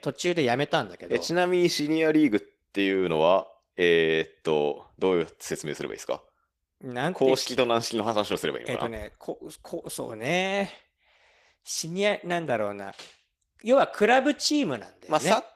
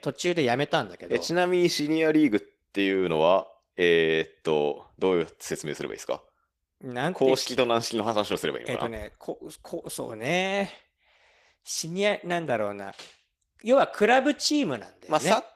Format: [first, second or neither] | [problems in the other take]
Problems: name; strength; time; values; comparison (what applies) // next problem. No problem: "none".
neither | garbled, watery; slightly; nothing above 14.5 kHz; the same in both